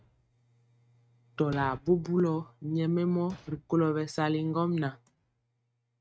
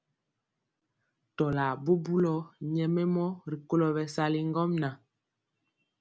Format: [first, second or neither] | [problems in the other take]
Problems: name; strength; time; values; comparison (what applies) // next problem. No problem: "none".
second | noise reduction (neural mask model RNNoise)